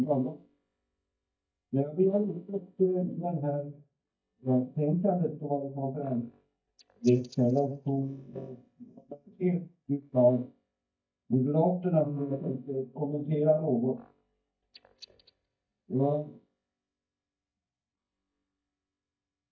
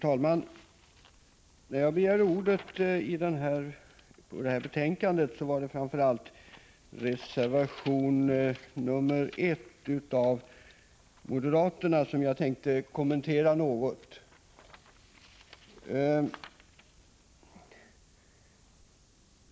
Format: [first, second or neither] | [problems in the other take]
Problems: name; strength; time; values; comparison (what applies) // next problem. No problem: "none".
second | noise reduction (neural mask model DeepFilterNet 3)